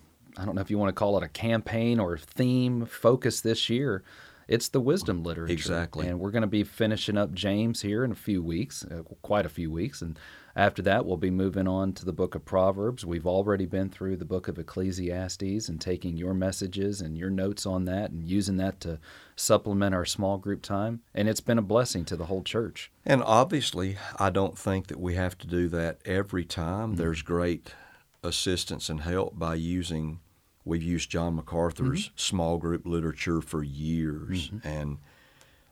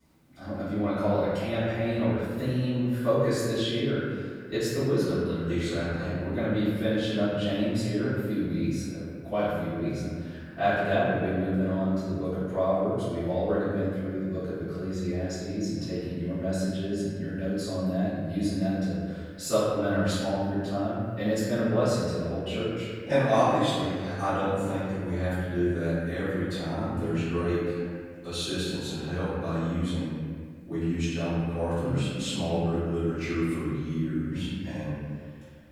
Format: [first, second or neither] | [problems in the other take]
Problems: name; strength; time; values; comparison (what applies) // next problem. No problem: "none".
first | off-mic speech; far // room echo; strong; dies away in 1.8 s